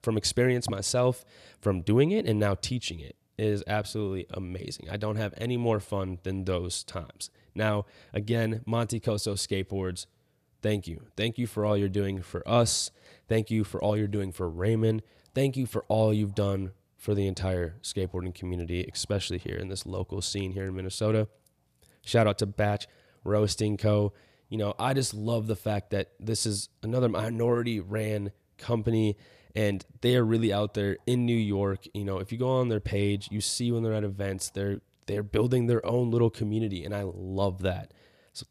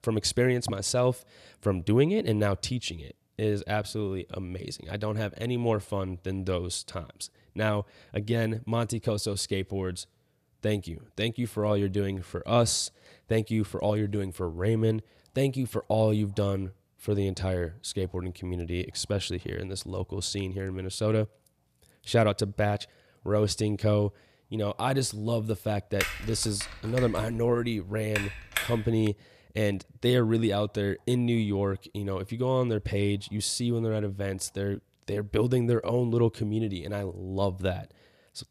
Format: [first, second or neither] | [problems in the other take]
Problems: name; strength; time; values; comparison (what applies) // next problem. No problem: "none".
first | keyboard typing; noticeable; from 26 to 29 s; peak 2 dB below the speech